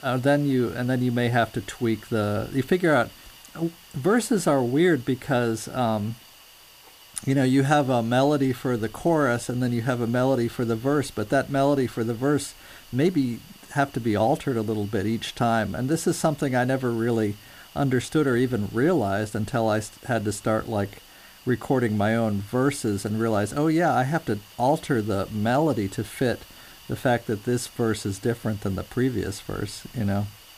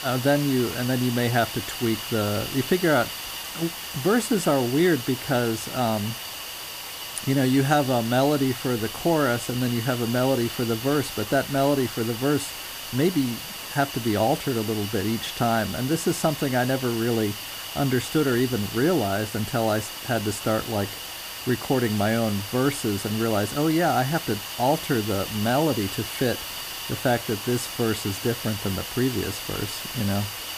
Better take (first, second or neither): first